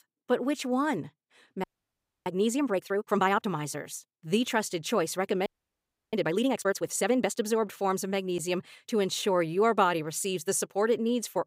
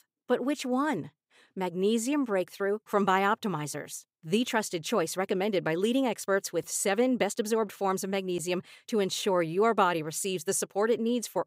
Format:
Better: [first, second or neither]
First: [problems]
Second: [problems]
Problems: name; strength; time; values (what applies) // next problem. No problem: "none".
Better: second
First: audio freezing; at 1.5 s for 0.5 s and at 5.5 s for 0.5 s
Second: none